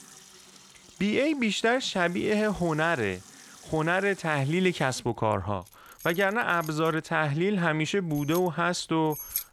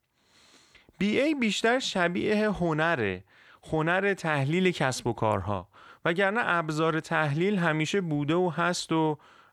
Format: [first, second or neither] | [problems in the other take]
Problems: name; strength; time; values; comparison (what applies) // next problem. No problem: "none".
second | household noises; noticeable; throughout; 20 dB below the speech